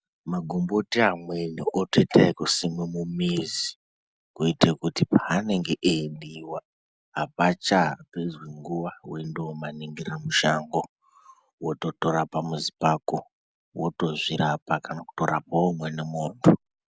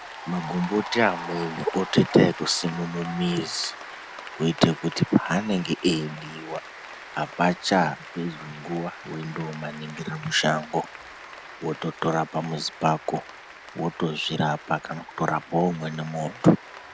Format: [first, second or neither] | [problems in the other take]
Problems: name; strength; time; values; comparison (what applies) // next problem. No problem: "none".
first | background sound (Applause / Cheering); 14 dB below the speech